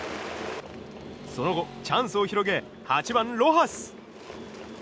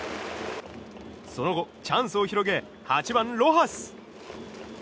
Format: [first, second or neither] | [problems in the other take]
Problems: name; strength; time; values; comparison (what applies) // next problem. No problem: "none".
second | background sound (Motorcycle / Traffic noise, roadway noise); 19 dB below the speech